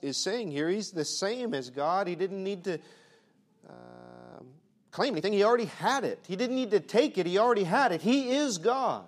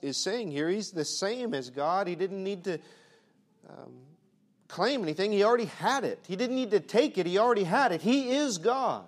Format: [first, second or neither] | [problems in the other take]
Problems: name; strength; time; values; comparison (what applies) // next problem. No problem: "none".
second | audio freezing; at 3.5 s for 0.5 s